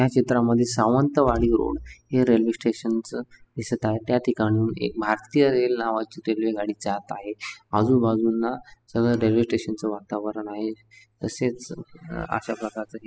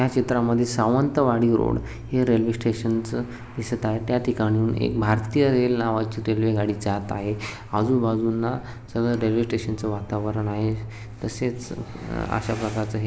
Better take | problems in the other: second | noise reduction (classical method spectral subtraction)

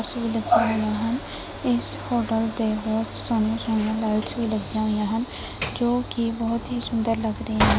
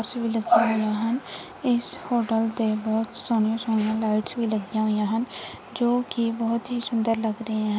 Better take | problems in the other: second | background sound (Sliding door / Train); 8 dB below the speech

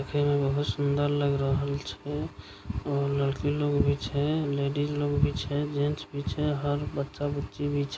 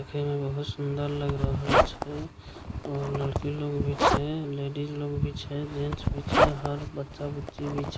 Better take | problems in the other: first | background sound (Zipper (clothing)); 1 dB above the speech

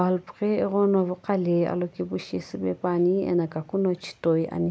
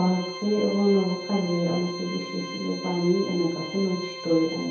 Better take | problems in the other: first | background sound (Organ); 12 dB below the speech // room echo; dies away in 2.2 s

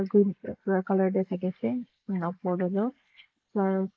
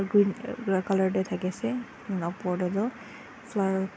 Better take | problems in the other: second | noise reduction (neural mask model Resemble Enhance denoiser)

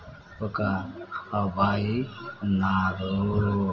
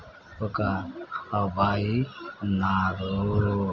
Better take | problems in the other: second | room echo; dies away in 1.4 s

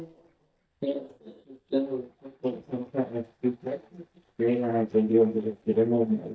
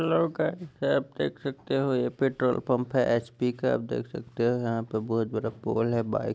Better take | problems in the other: second | noise reduction (neural mask model DeepFilterNet 3)

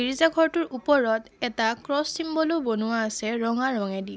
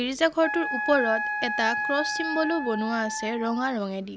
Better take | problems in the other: first | background sound (Wind instrument, woodwind instrument); 5 dB below the speech

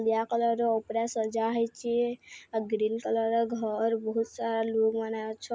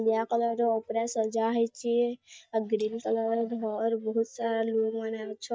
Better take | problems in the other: first | noise reduction (neural mask model DeepFilterNet 3)

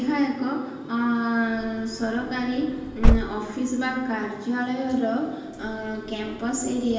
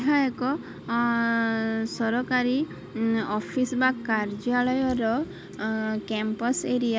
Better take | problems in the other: second | background sound (Slam / Car); 3 dB below the speech // room echo; dies away in 1 s

